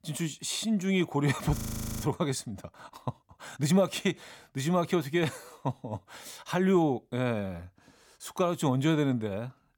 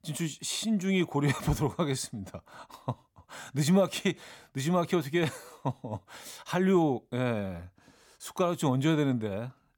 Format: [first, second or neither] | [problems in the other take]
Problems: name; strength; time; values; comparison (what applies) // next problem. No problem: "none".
second | audio freezing; at 1.5 s